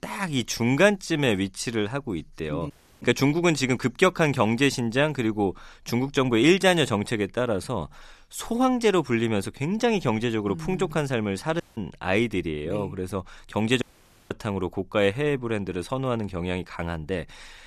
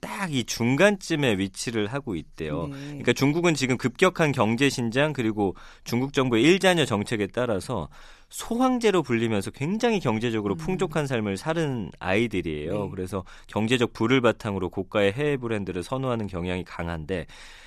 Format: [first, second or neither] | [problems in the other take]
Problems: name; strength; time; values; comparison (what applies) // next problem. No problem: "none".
second | audio cutting out; at 2.5 s, at 12 s and at 14 s